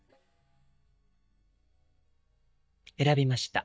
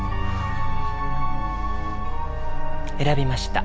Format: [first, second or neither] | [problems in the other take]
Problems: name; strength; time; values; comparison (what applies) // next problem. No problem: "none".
second | noise reduction (neural mask model DeepFilterNet 3)